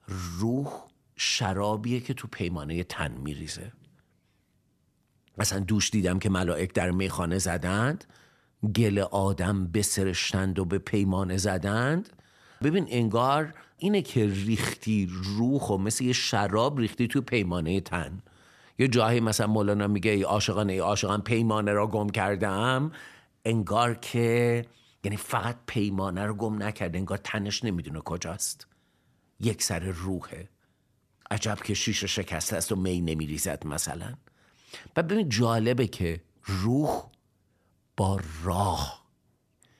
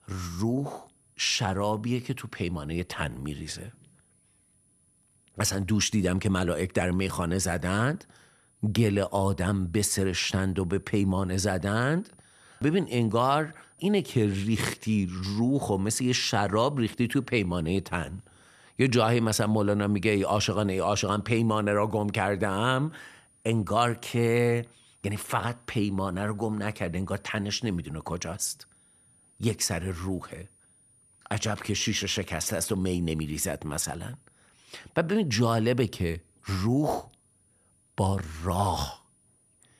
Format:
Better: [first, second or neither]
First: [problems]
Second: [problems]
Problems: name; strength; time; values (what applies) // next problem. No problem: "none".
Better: first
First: none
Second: high-pitched whine; faint; throughout; 9.5 kHz, 35 dB below the speech